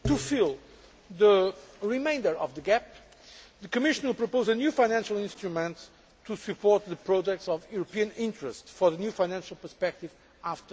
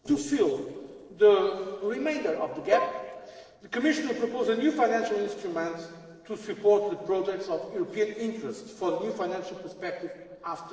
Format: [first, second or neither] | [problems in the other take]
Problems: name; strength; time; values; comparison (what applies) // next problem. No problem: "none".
first | noise reduction (neural separator model SepFormer DNS4)